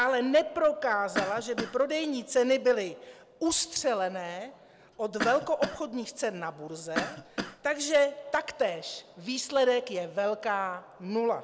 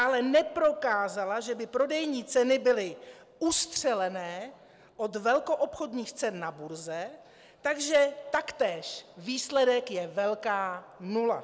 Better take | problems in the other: second | background sound (Cough); 8 dB below the speech

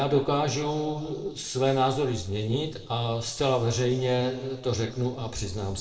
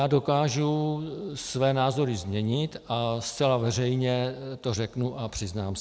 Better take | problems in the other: second | noise reduction (neural separator model SepFormer DNS4)

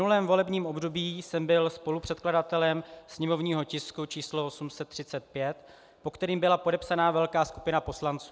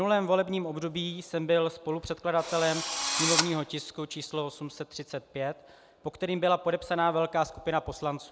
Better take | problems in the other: first | background sound (Drill); 1 dB below the speech

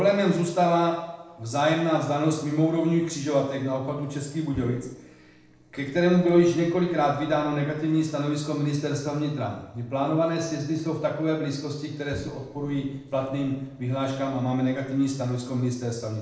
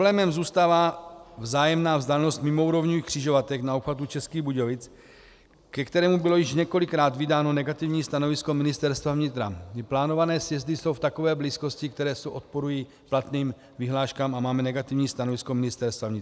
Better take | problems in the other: second | noise reduction (neural separator model SepFormer DNS4)

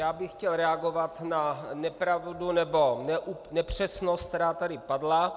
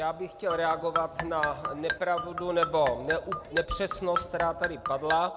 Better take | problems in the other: first | background sound (Marimba, xylophone); 5 dB below the speech

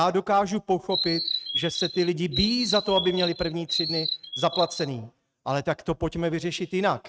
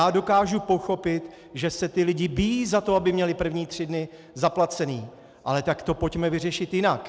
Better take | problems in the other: second | noise reduction (neural mask model RNNoise)

